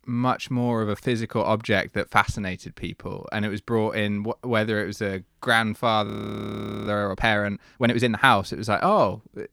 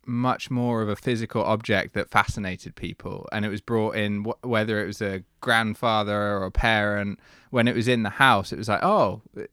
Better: second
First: audio freezing; at 6 s for 1 s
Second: none

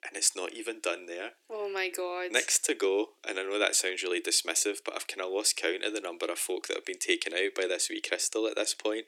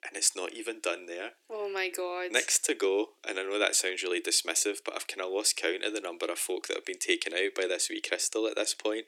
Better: neither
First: thin; very; fading below 300 Hz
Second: thin; very; fading below 300 Hz

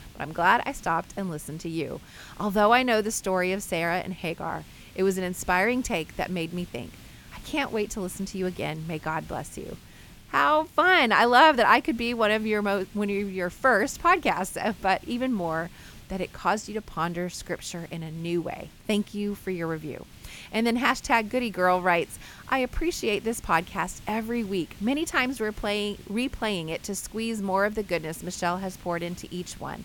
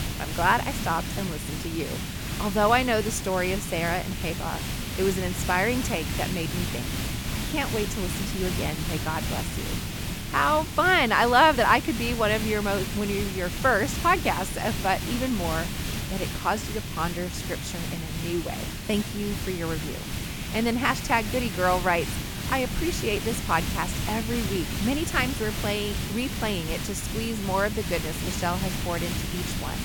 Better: first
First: hiss; faint; throughout; 25 dB below the speech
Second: hiss; loud; throughout; 4 dB below the speech

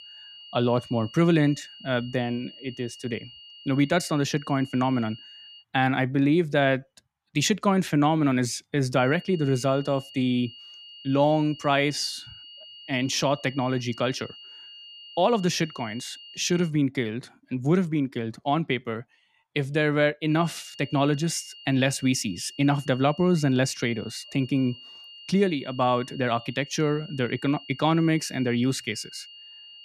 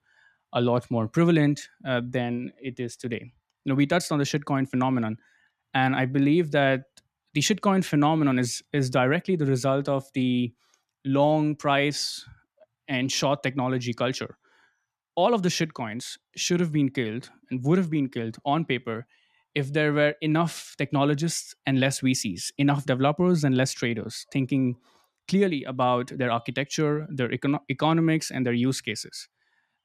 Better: second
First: high-pitched whine; noticeable; until 5.5 s, from 9 to 17 s and from 20 s on; 3 kHz, 20 dB below the speech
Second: none

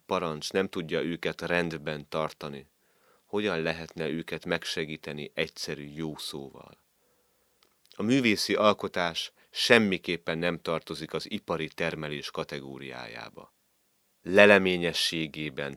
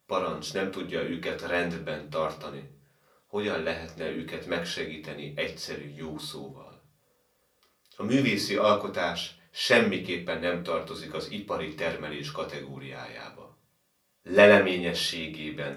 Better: first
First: none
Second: off-mic speech; far // room echo; very slight; dies away in 0.3 s

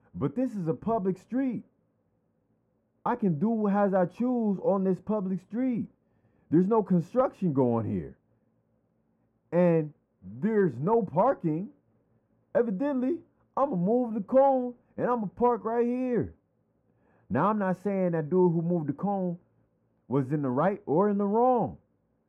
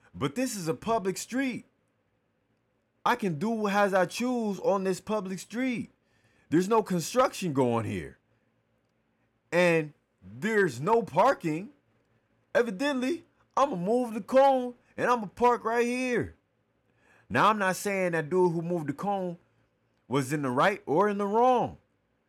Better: second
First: muffled; very; fading above 2 kHz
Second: none

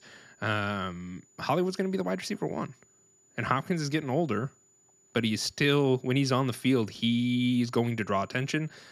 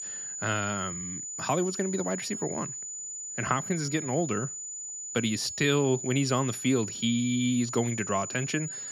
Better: first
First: high-pitched whine; faint; throughout; 7 kHz, 35 dB below the speech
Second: high-pitched whine; loud; throughout; 7 kHz, 6 dB below the speech

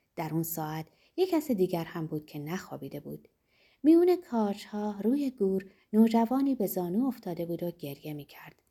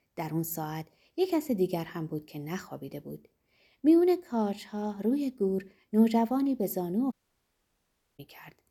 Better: first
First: none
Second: audio cutting out; at 7 s for 1 s

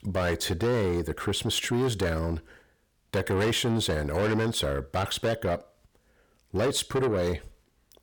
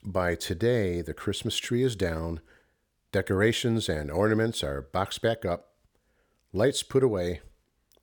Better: second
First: distortion; heavy; 7 dB below the speech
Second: none

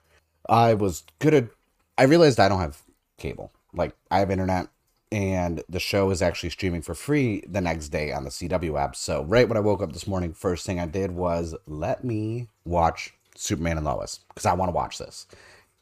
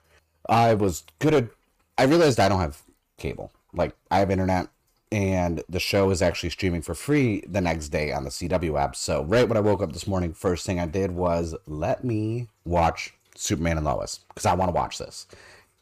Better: first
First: none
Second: distortion; slight; 4% of the sound clipped

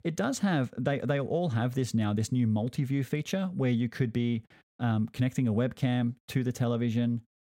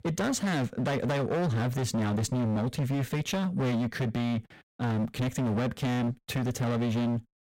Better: first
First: none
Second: distortion; heavy; 32% of the sound clipped

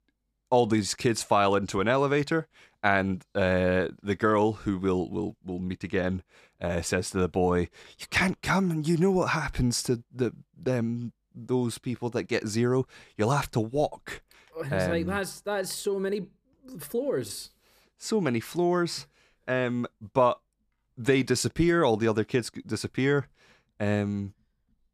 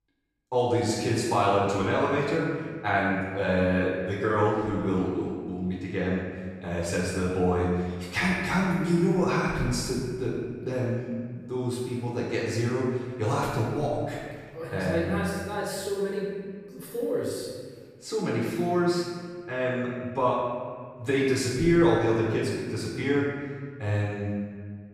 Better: first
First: none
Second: off-mic speech; far // room echo; strong; dies away in 1.5 s

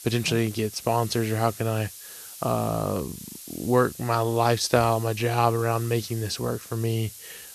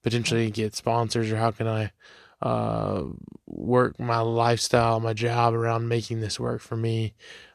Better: second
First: hiss; noticeable; throughout; 15 dB below the speech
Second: none

